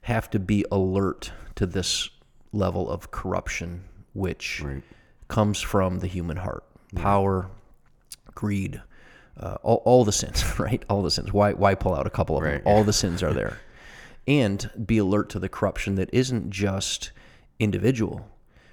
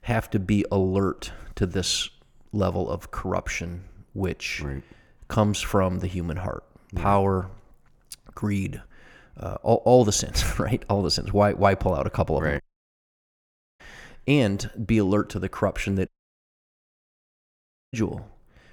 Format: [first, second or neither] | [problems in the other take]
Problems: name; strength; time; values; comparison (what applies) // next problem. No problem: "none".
first | audio cutting out; at 13 s for 1 s and at 16 s for 2 s